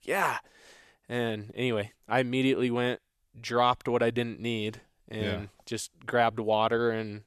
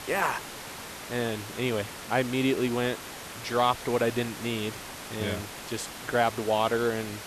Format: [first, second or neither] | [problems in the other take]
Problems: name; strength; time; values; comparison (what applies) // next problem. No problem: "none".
first | hiss; loud; throughout; 10 dB below the speech